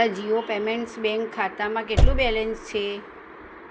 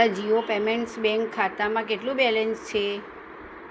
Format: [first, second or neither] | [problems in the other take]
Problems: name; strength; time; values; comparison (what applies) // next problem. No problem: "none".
second | background sound (Slam / Car); 4 dB above the speech